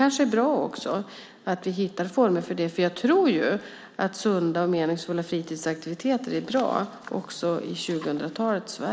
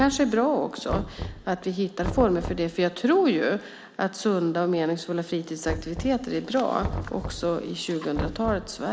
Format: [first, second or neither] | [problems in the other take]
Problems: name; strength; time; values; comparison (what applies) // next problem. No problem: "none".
first | background sound (Knock); 11 dB below the speech